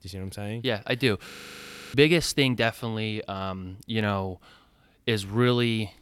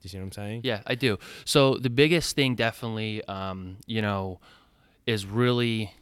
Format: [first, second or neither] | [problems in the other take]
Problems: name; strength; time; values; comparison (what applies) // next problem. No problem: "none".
second | audio freezing; at 1.5 s for 0.5 s